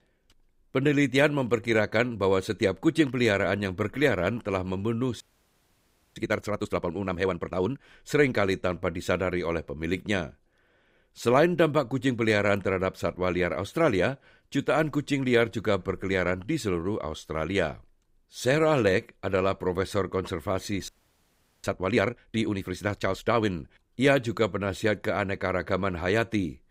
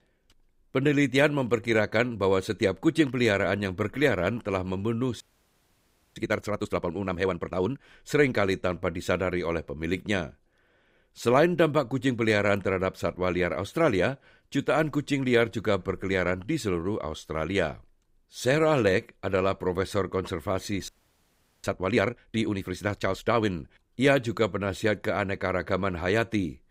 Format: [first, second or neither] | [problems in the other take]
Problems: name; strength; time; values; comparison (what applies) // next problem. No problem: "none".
neither | audio freezing; at 5 s for 1 s and at 21 s for 1 s; the same in both